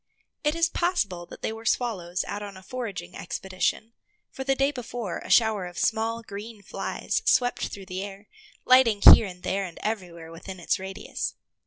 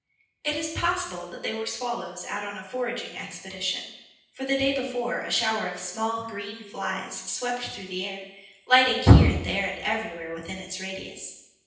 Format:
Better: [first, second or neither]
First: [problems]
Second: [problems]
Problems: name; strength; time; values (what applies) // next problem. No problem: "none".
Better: first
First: none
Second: room echo; dies away in 0.9 s